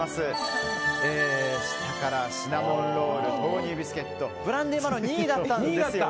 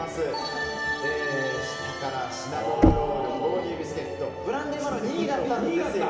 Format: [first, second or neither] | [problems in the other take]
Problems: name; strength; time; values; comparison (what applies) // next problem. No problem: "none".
first | background sound (Knock); 1 dB below the speech // room echo; dies away in 2.3 s